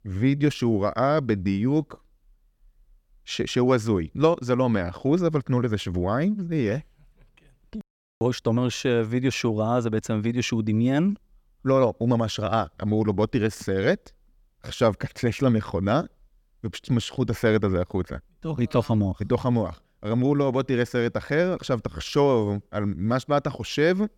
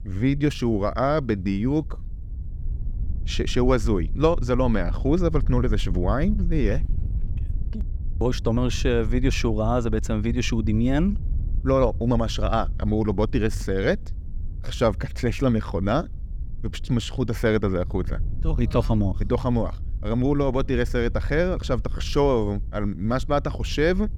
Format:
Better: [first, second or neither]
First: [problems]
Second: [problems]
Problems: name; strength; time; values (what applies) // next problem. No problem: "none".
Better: first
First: none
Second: wind noise on the microphone; occasional gusts; 25 dB below the speech